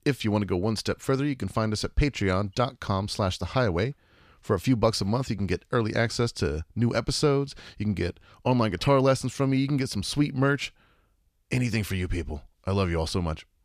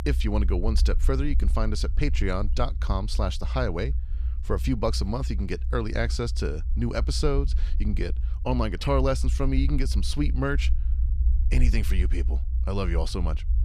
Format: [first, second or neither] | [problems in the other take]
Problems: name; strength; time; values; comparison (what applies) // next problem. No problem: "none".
first | low rumble; noticeable; throughout; 15 dB below the speech